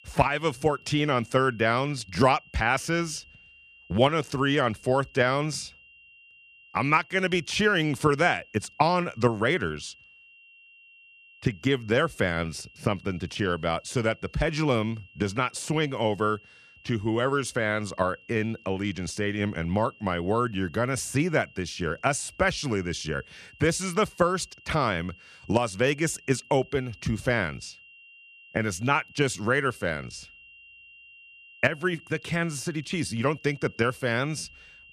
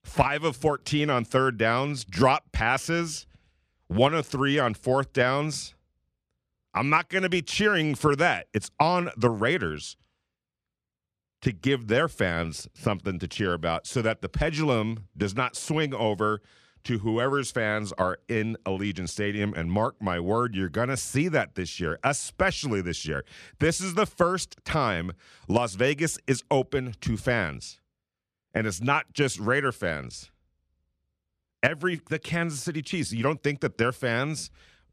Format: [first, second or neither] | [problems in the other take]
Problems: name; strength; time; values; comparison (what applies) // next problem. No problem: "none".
second | high-pitched whine; faint; throughout; 3 kHz, 25 dB below the speech